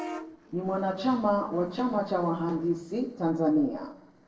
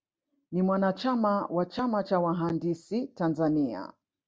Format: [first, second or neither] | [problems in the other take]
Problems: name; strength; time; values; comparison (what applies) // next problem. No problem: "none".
second | noise reduction (neural separator model SepFormer DNS4)